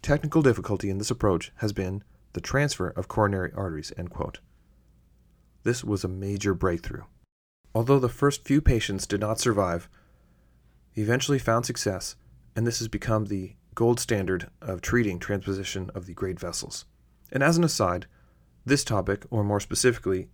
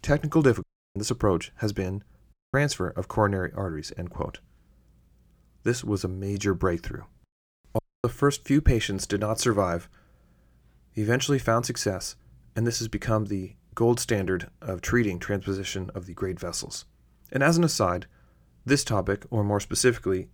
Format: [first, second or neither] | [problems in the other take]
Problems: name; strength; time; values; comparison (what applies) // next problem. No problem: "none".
first | audio cutting out; at 0.5 s, at 2.5 s and at 8 s